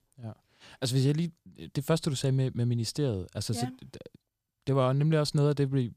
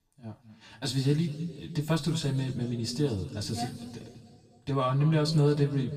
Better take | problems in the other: first | room echo; slight; dies away in 1.8 s // off-mic speech; far

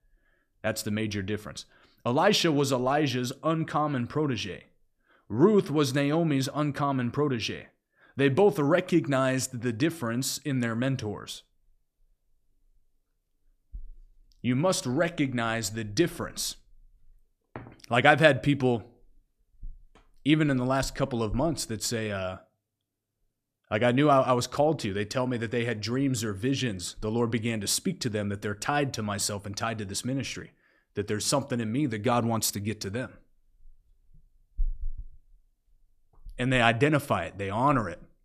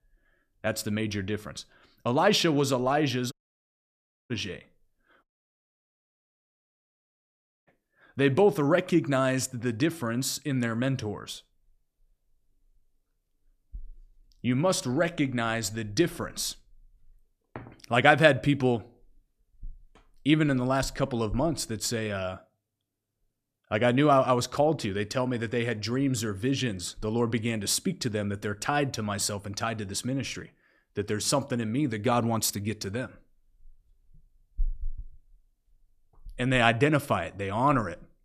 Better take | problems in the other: first | audio cutting out; at 3.5 s for 1 s and at 5 s for 2.5 s

